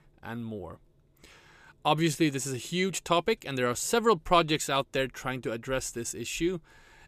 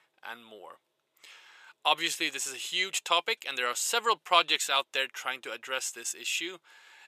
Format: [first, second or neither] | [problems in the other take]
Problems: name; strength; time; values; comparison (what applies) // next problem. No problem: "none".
first | thin; very; fading below 800 Hz